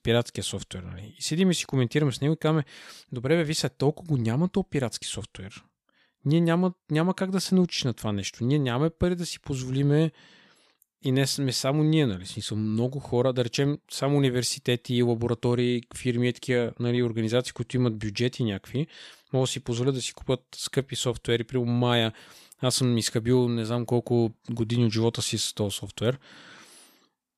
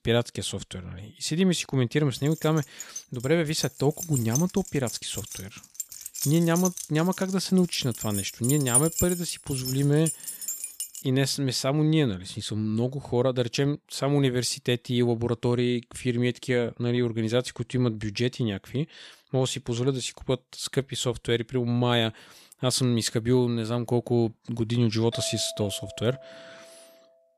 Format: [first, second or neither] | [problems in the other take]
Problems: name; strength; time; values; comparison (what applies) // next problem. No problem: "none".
first | jangling keys; loud; from 3 to 11 s; peak 4 dB above the speech // doorbell; faint; from 25 to 27 s; peak 10 dB below the speech